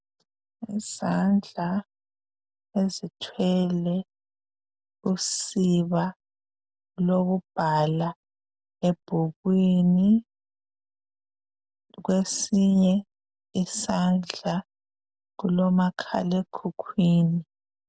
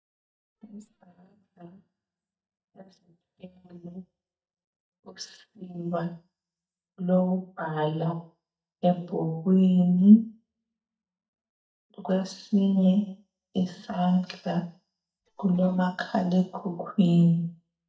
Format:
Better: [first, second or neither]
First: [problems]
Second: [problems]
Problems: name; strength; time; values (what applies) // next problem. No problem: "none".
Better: first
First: none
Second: noise reduction (neural mask model DeepFilterNet 3)